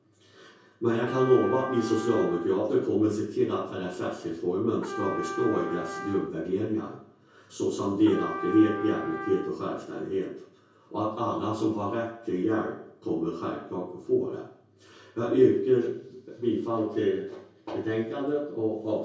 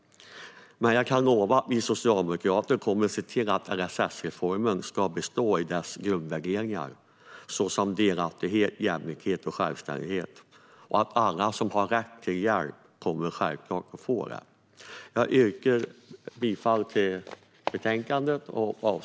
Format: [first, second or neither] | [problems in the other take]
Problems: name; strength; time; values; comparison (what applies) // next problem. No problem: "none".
second | background sound (Trumpet); 11 dB below the speech // room echo; dies away in 0.6 s